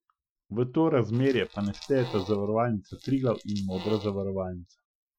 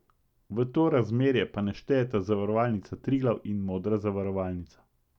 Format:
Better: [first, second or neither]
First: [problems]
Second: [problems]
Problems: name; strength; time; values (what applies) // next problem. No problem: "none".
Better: second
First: noise reduction (classical method Wiener filter)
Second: none